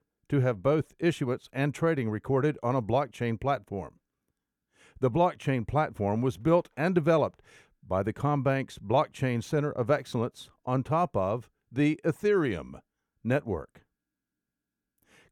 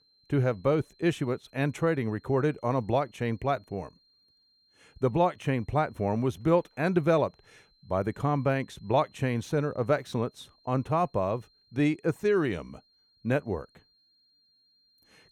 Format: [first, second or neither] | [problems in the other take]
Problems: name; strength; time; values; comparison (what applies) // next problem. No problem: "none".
first | high-pitched whine; faint; throughout; 4 kHz, 35 dB below the speech